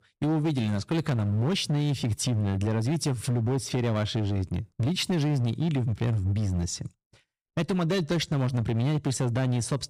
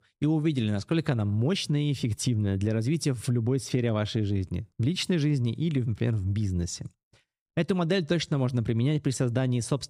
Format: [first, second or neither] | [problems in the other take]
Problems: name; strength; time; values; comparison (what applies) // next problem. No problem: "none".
second | distortion; slight; 16% of the sound clipped